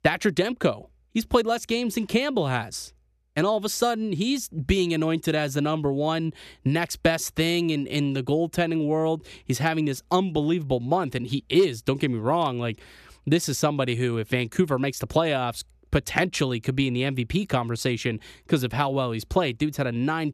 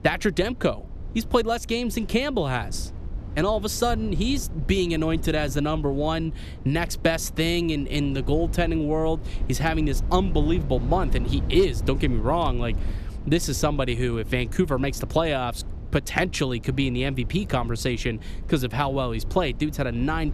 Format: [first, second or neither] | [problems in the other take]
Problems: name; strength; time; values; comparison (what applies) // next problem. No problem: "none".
first | low rumble; noticeable; throughout; 20 dB below the speech